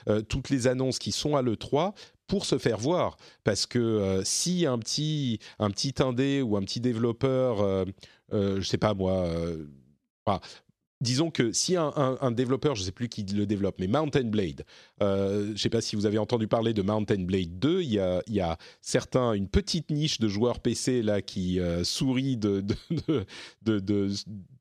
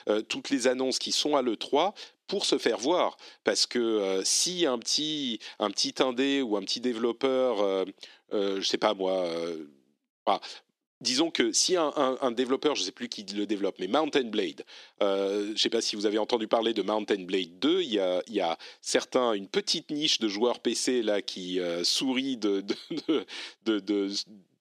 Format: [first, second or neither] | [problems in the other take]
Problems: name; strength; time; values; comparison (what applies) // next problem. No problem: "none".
first | thin; very slightly; fading below 300 Hz